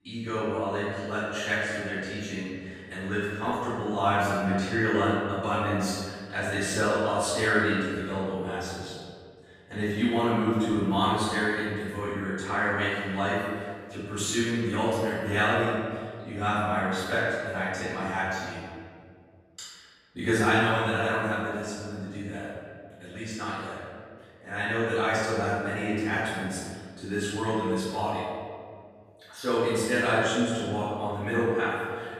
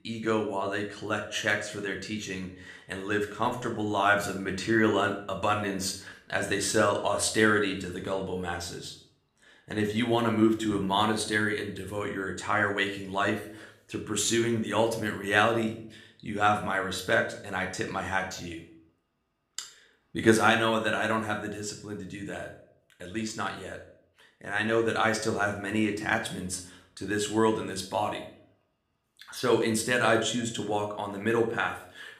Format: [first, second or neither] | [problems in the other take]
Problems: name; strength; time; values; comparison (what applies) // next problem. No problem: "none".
second | room echo; strong; dies away in 1.9 s; slight in the second // off-mic speech; far